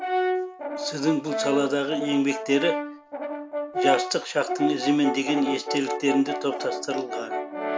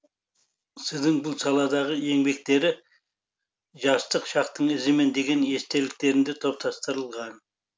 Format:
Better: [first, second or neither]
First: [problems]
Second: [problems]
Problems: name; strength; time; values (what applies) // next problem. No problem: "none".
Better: second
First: background sound (Brass instrument); 3 dB below the speech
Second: none